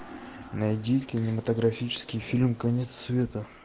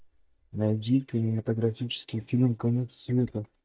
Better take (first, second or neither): first